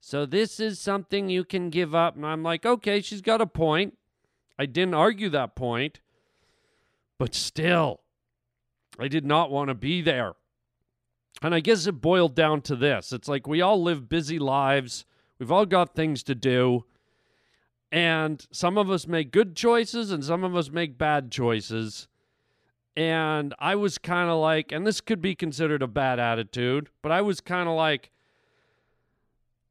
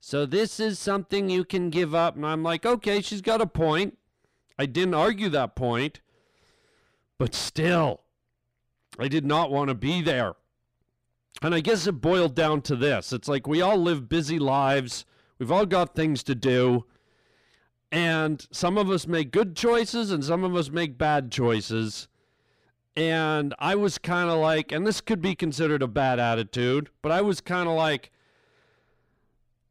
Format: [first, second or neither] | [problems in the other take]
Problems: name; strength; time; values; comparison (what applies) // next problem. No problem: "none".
first | distortion; slight; 10 dB below the speech